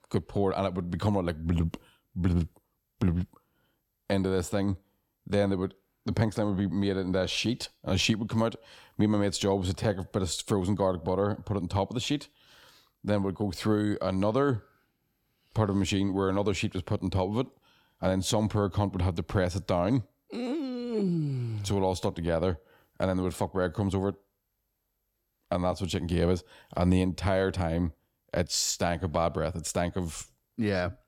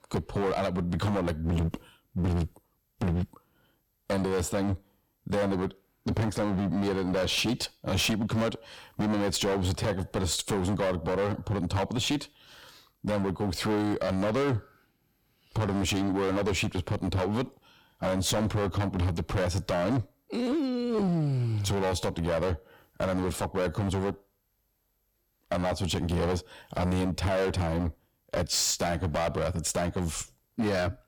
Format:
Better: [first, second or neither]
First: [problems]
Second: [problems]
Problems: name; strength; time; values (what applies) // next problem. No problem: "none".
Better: first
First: none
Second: distortion; heavy; 16% of the sound clipped